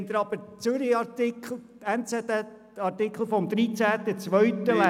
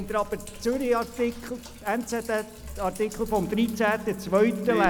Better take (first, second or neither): first